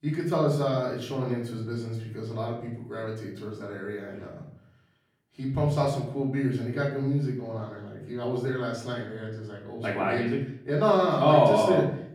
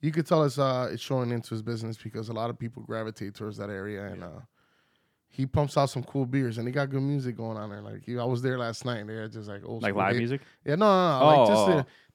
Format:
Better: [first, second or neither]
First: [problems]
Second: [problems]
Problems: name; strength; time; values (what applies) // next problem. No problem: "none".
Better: second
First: off-mic speech; far // room echo; noticeable; dies away in 0.6 s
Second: none